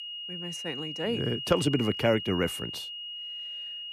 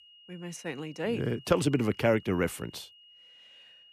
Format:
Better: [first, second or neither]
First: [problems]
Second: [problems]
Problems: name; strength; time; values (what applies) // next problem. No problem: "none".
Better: second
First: high-pitched whine; loud; throughout; 3 kHz, 6 dB below the speech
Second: high-pitched whine; faint; throughout; 3 kHz, 25 dB below the speech